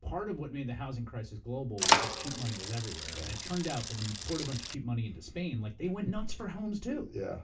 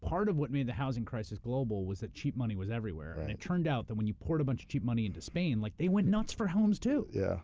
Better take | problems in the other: second | background sound (Bicycle); 3 dB above the speech // room echo; dies away in 0.2 s

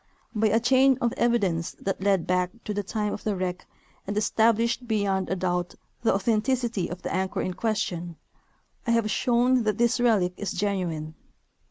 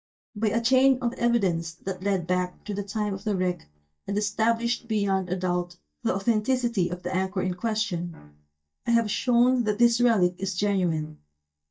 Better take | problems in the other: first | noise reduction (neural mask model DeepFilterNet 3)

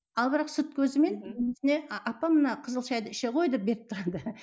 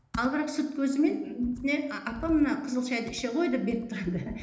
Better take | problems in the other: first | background sound (Computer keyboard); 17 dB below the speech // room echo; dies away in 1 s

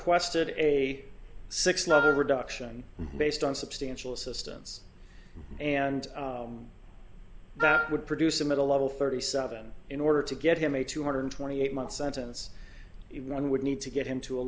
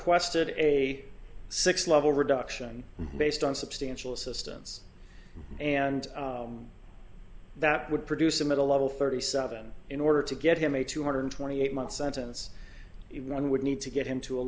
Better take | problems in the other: second | background sound (Wind instrument, woodwind instrument); as loud as the speech

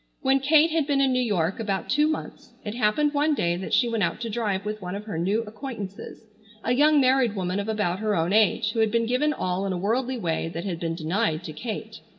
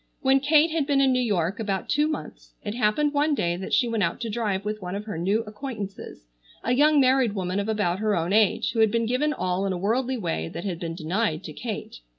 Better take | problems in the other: second | room echo; dies away in 2.4 s

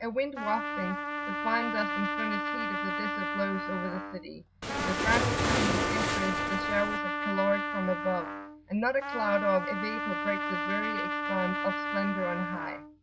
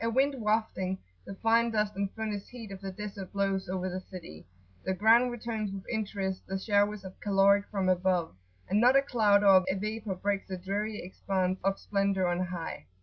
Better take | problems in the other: second | background sound (Trumpet + Waves, surf); 1 dB above the speech

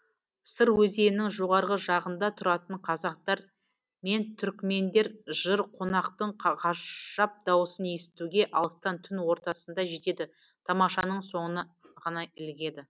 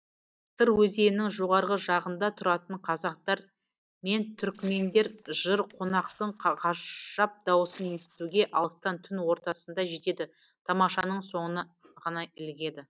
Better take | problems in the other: first | noise reduction (neural mask model DeepFilterNet 3)

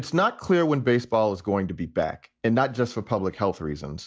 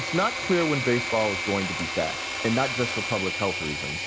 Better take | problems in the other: first | background sound (Engine / Mechanisms); 3 dB below the speech

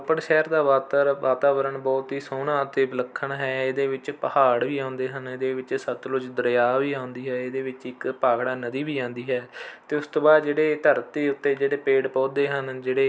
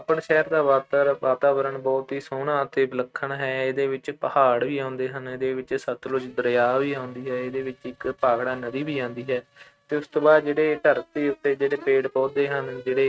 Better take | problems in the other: first | noise reduction (neural mask model RNNoise)

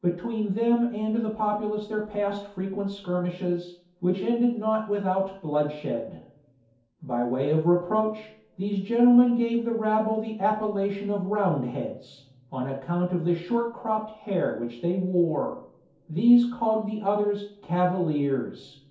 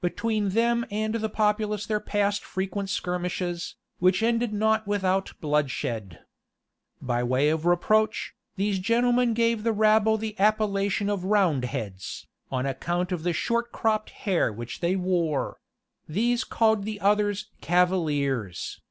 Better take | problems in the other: second | room echo; dies away in 0.6 s

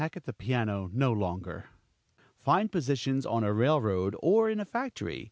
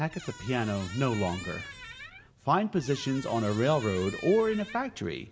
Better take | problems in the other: first | background sound (Squeak); 15 dB below the speech // room echo; dies away in 0.7 s

